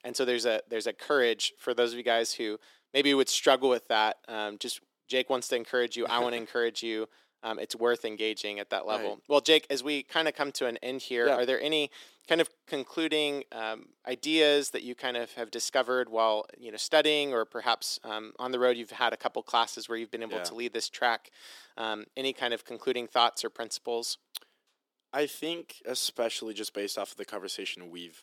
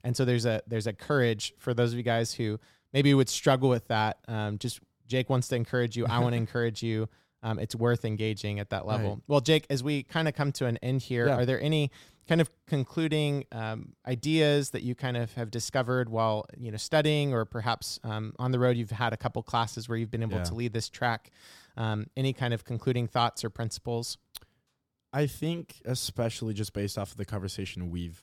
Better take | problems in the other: second | thin; somewhat; fading below 300 Hz

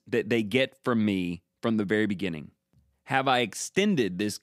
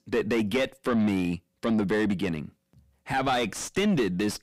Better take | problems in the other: first | distortion; heavy; 6 dB below the speech

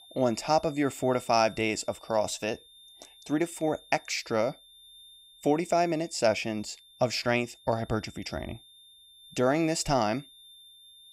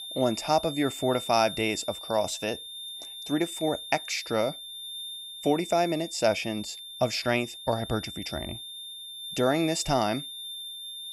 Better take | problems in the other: first | high-pitched whine; loud; throughout; 3.5 kHz, 9 dB below the speech; faint in the first

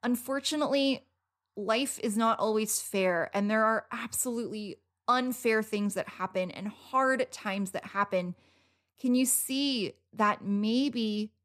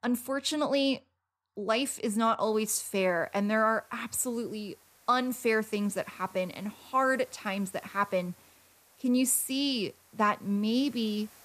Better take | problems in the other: first | hiss; faint; from 2.5 s on; 25 dB below the speech

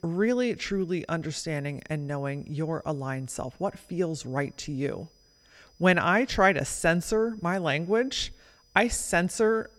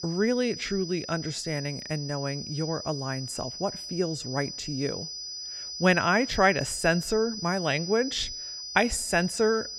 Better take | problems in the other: first | high-pitched whine; loud; throughout; 5 kHz, 8 dB below the speech; faint in the first

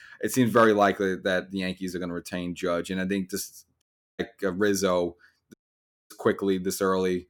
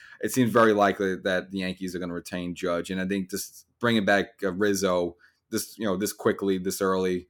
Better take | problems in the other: second | audio cutting out; at 4 s and at 5.5 s for 0.5 s

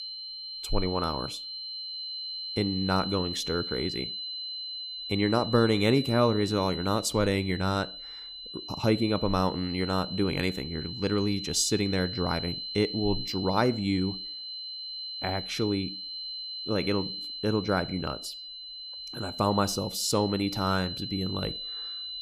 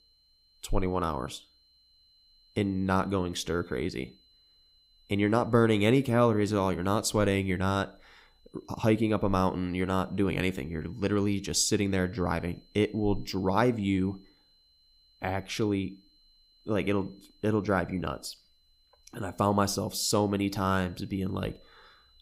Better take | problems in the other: second | high-pitched whine; loud; throughout; 4 kHz, 7 dB below the speech; faint in the second

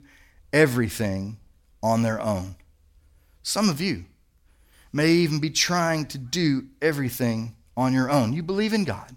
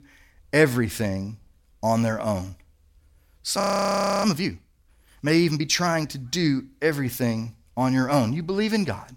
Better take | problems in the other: first | audio freezing; at 3.5 s for 0.5 s

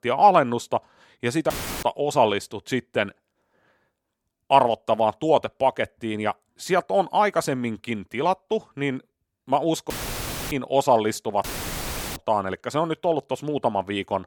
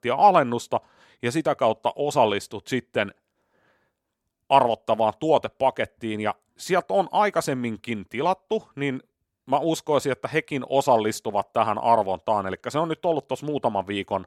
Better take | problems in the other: second | audio cutting out; filled with static; at 1.5 s, at 10 s for 0.5 s and at 11 s for 0.5 s

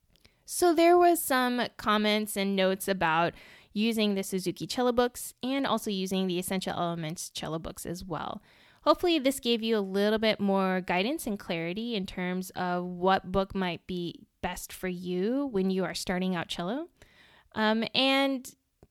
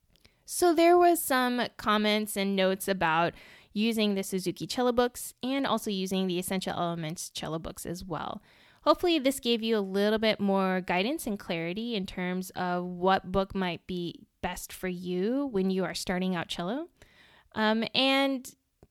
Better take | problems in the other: neither | none

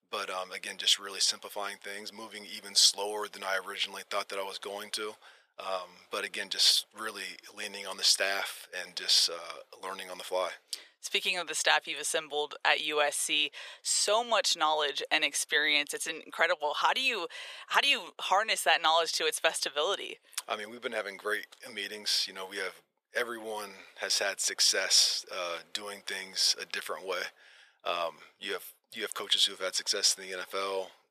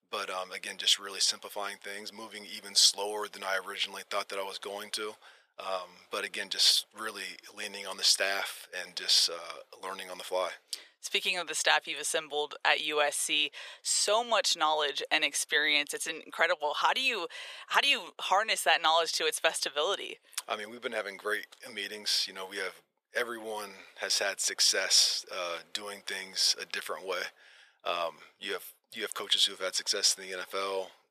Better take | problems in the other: neither | thin; very; fading below 500 Hz; the same in both

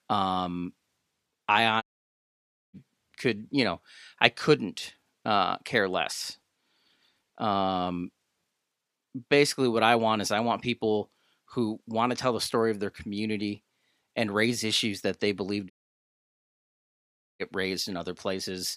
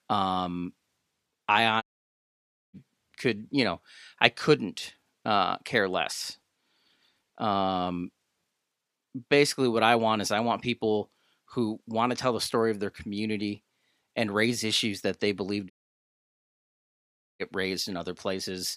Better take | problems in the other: neither | audio cutting out; at 2 s for 1 s and at 16 s for 1.5 s; the same in both

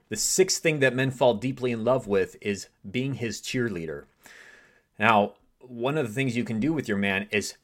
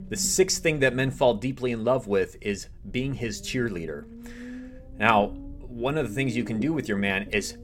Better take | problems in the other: first | low rumble; faint; throughout; 20 dB below the speech

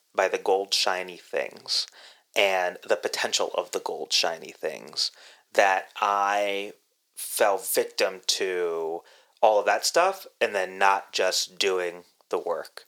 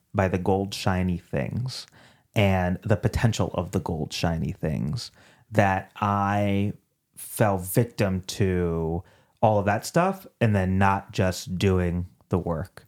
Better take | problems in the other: second | thin; very; fading below 450 Hz

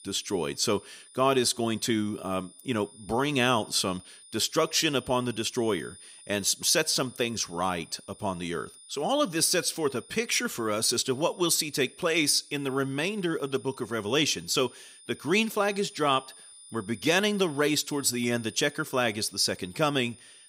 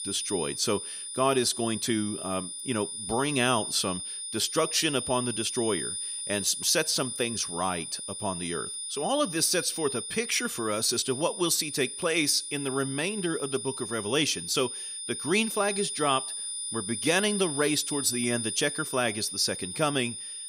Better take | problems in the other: first | high-pitched whine; loud; throughout; 9.5 kHz, 5 dB below the speech; faint in the first

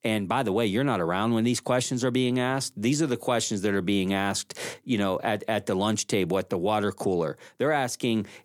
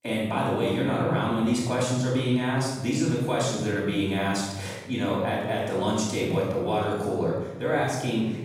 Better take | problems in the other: first | off-mic speech; far // room echo; noticeable; dies away in 1.9 s

